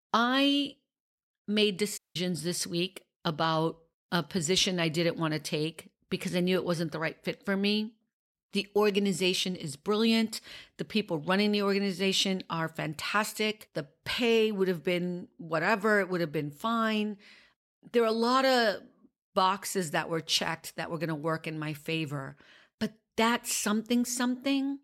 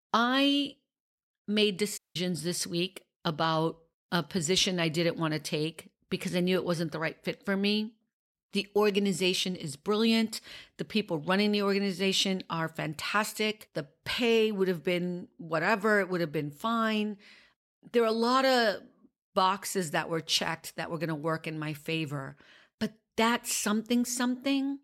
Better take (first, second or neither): neither